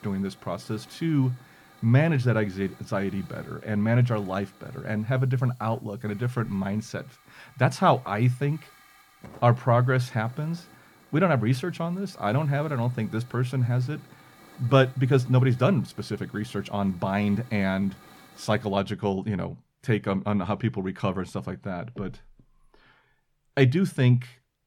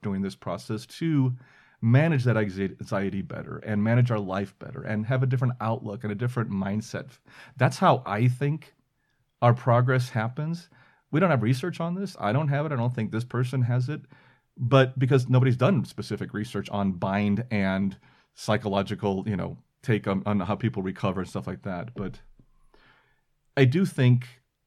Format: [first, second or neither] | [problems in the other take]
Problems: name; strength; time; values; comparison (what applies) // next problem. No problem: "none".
second | hiss; faint; until 19 s; 25 dB below the speech